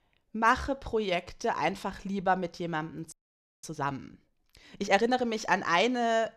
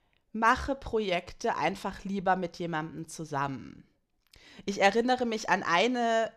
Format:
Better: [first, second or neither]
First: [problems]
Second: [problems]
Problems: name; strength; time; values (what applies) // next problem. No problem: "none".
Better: second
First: audio freezing; at 3 s for 0.5 s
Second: none